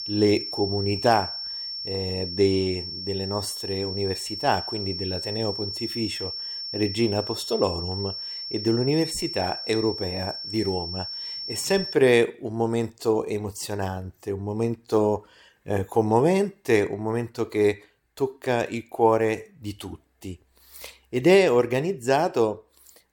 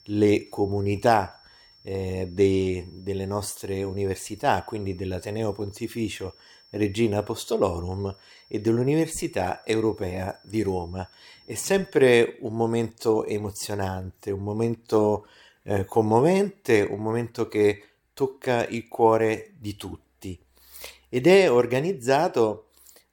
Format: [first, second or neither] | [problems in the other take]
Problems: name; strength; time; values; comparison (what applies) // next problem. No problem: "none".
second | high-pitched whine; loud; until 12 s; 5.5 kHz, 6 dB below the speech; faint in the second